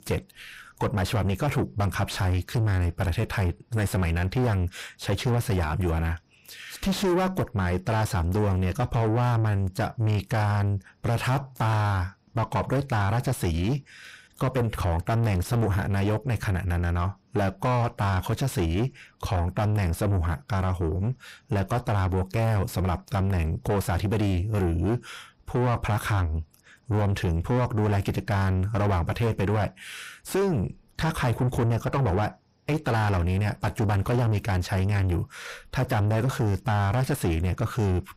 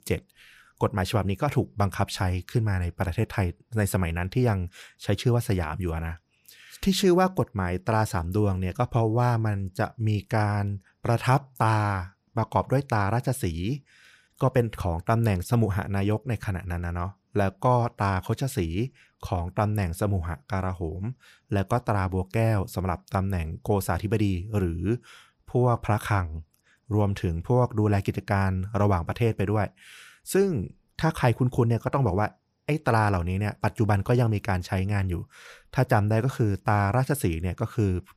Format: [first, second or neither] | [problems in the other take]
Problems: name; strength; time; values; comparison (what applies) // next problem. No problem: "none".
second | distortion; heavy; 6 dB below the speech